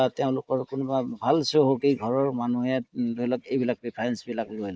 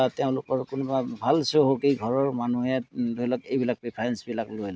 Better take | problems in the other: second | noise reduction (neural mask model Resemble Enhance denoiser)

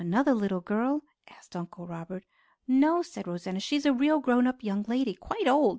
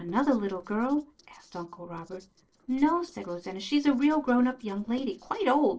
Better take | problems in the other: first | noise reduction (neural separator model SepFormer DNS4)

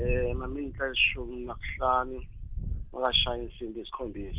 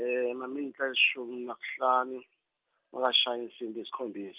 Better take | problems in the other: second | background sound (Wind); 5 dB below the speech

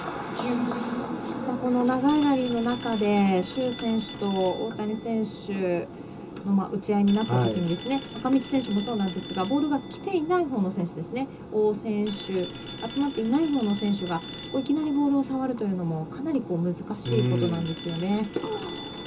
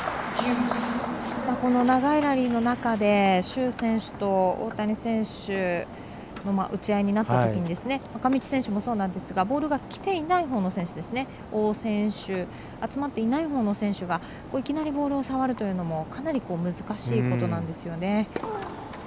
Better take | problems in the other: second | background sound (Telephone); 18 dB below the speech // room echo; dies away in 0.2 s

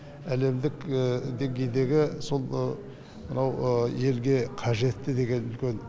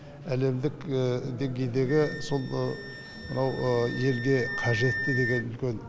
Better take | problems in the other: first | background sound (Wind instrument, woodwind instrument); 9 dB below the speech

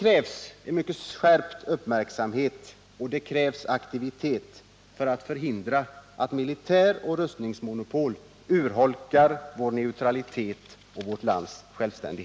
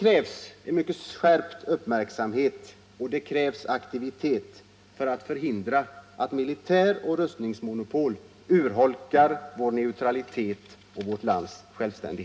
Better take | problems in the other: first | room echo; dies away in 0.3 s

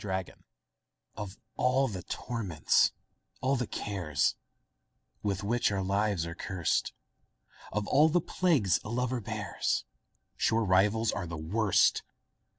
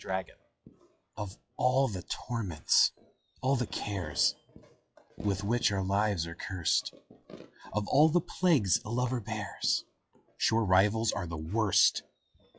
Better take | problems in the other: first | noise reduction (classical method log-MMSE)

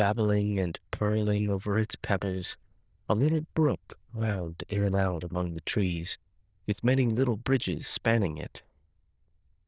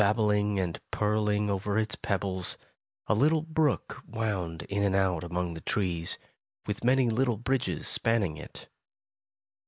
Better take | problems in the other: second | noise reduction (neural diffusion model UNIVERSE++)

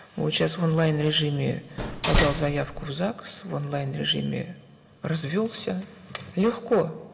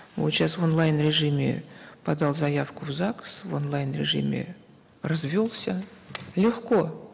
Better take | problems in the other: second | background sound (Slam); 1 dB above the speech // room echo; dies away in 0.9 s

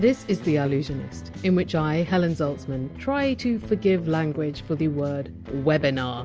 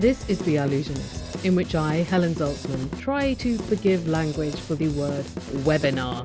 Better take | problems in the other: first | background sound (Drum / Drum kit); 11 dB below the speech

